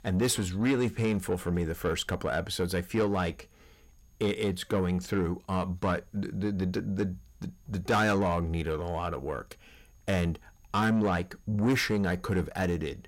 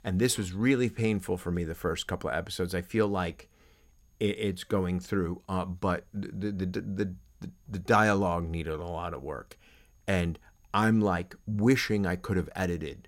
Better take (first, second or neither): second